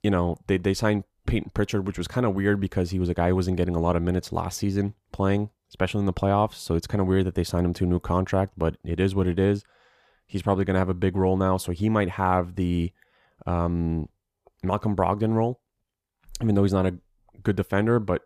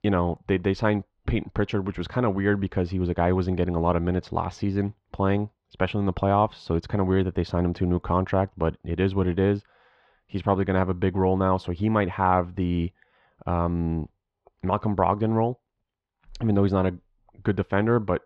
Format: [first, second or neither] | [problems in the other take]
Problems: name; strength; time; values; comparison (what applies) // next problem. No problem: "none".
first | muffled; slightly; fading above 4 kHz